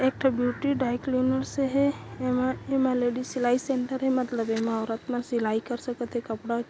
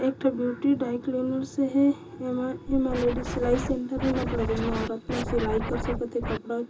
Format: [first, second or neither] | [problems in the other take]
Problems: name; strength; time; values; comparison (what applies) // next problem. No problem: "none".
first | background sound (Scratching (performance technique)); 5 dB below the speech // room echo; dies away in 0.2 s